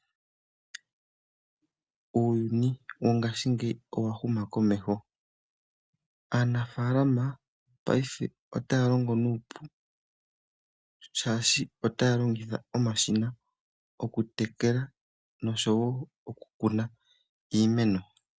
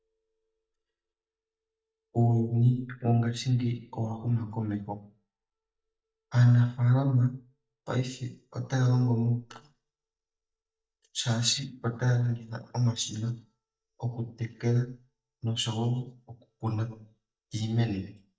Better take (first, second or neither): first